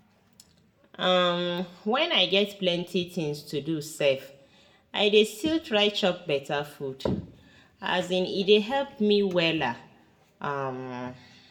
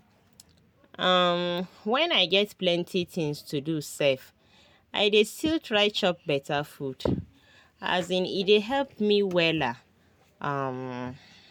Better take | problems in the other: second | room echo; dies away in 0.5 s

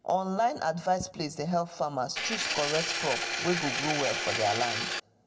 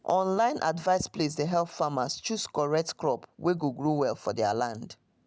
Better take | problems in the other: second | background sound (Engine); 1 dB below the speech // room echo; dies away in 0.6 s

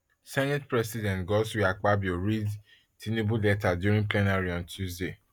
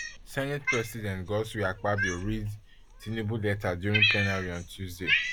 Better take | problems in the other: first | background sound (Cat); 1 dB below the speech

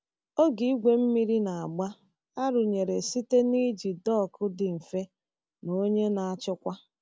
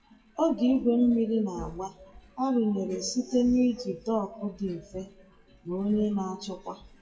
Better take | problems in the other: first | noise reduction (classical method WPE with log-MMSE)

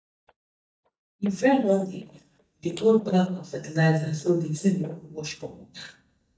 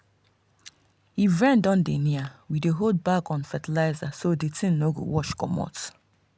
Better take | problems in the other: second | noise reduction (neural mask model DeepFilterNet 3)

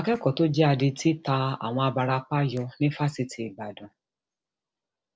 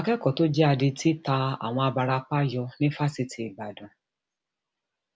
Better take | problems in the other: second | noise reduction (neural separator model SepFormer DNS4)

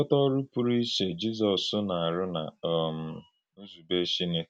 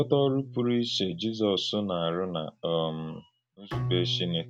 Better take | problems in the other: first | background sound (Bowed string instrument); 11 dB below the speech

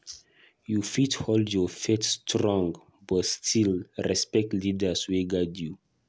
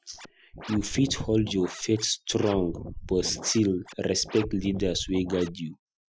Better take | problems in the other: first | noise reduction (classical method Wiener filter)

